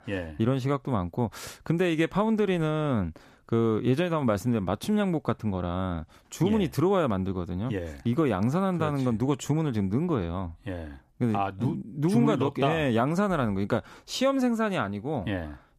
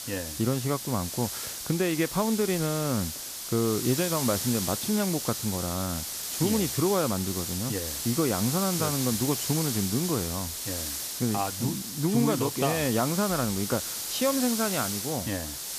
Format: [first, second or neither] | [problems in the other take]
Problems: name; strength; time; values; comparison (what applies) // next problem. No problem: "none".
first | hiss; loud; throughout; 3 dB below the speech